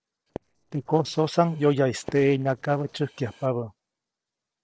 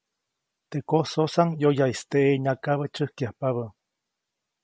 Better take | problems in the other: second | noise reduction (neural separator model SepFormer DNS4)

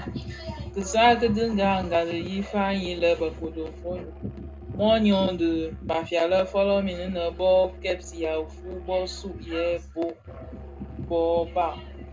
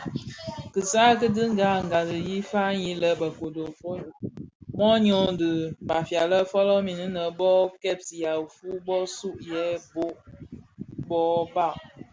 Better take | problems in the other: second | background sound (Musical instrument); 16 dB below the speech // room echo; dies away in 0.2 s

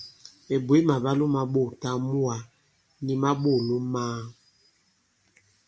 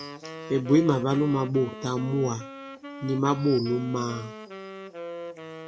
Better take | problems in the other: first | background sound (Wind instrument, woodwind instrument); 12 dB below the speech

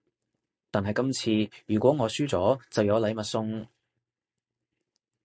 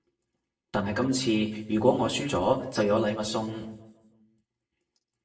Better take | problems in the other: first | room echo; dies away in 0.7 s

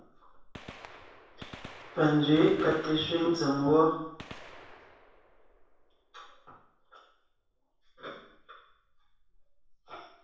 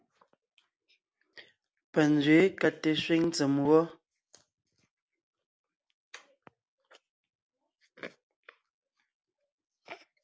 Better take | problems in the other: second | background sound (Gunshot, gunfire); 19 dB below the speech // room echo; dies away in 0.7 s

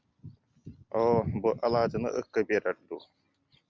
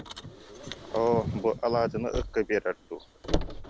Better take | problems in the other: first | background sound (Car); 6 dB below the speech

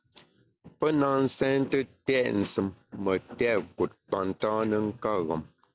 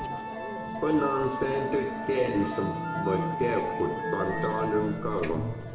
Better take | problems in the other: first | background sound (Musical instrument); 3 dB below the speech // room echo; dies away in 0.9 s

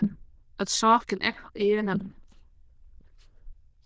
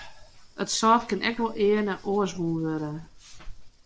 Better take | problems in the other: second | noise reduction (neural diffusion model UNIVERSE++)

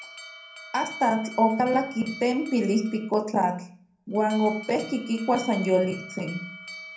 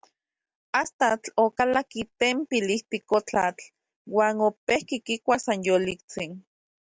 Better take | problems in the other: second | background sound (Alarm); 16 dB below the speech // room echo; dies away in 0.6 s

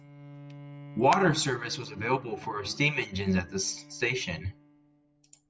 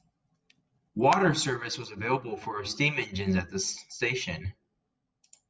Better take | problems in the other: second | background sound (Bowed string instrument); 19 dB below the speech

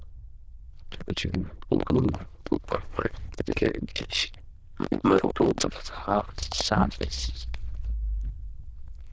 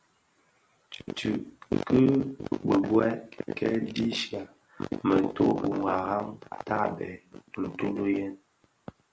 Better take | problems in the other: second | noise reduction (neural diffusion model UNIVERSE++)

